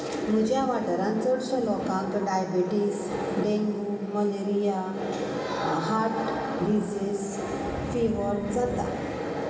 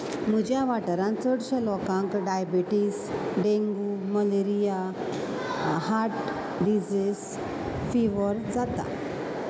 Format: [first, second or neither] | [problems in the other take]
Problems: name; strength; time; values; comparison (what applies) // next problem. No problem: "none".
second | room echo; dies away in 2.5 s